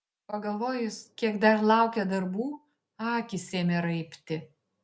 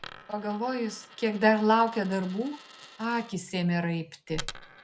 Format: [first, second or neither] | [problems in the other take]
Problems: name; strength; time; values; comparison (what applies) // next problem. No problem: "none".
first | background sound (Coin (dropping)); 17 dB below the speech